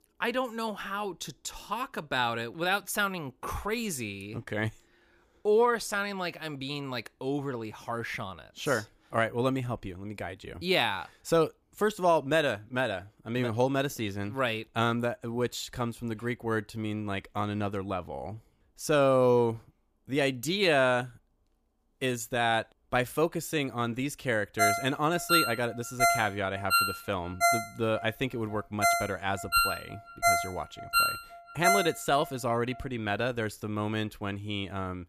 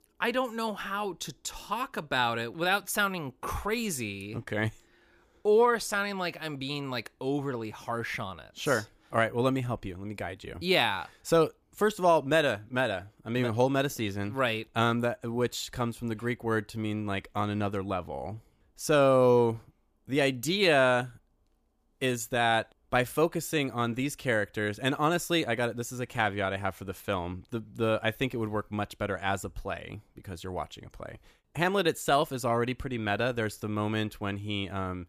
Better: second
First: phone ringing; loud; from 25 to 32 s; peak 5 dB above the speech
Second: none

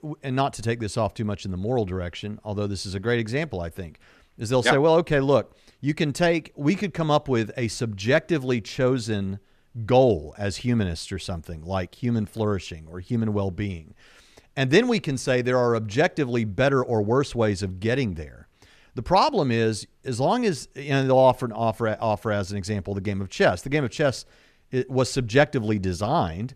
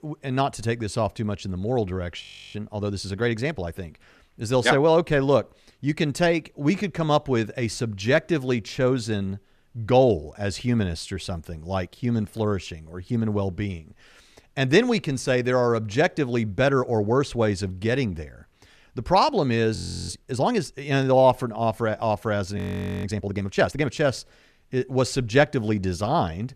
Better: first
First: none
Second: audio freezing; at 2 s, at 20 s and at 23 s

